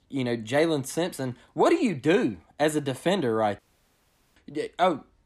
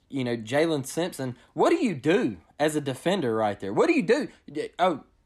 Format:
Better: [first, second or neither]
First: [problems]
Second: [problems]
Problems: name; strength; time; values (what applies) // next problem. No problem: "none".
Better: second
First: audio cutting out; at 3.5 s for 1 s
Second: none